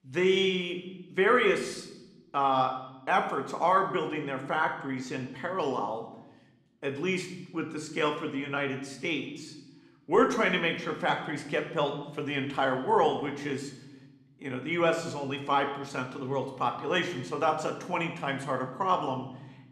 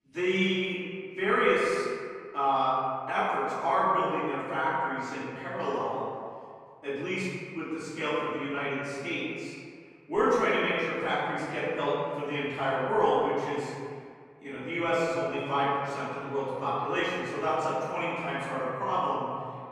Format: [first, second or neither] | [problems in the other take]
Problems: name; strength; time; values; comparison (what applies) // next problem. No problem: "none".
first | room echo; strong; dies away in 1.8 s; slight in the first // off-mic speech; far